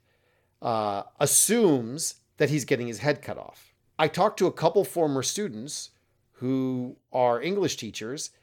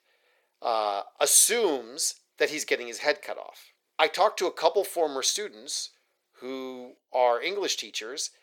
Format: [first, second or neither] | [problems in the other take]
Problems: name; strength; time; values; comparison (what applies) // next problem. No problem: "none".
first | thin; very; fading below 450 Hz